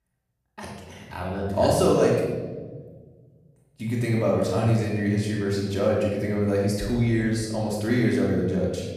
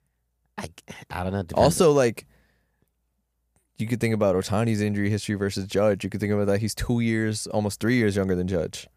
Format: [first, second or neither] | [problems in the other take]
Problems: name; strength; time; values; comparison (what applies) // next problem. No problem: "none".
second | off-mic speech; far // room echo; noticeable; dies away in 1.3 s